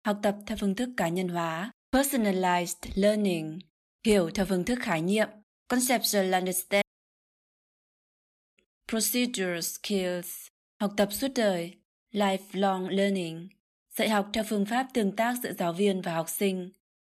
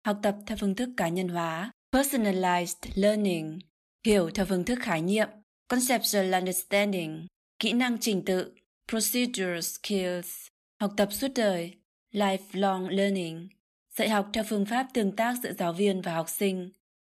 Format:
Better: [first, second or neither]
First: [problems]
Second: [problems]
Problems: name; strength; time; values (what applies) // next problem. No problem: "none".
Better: second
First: audio cutting out; at 7 s for 2 s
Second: none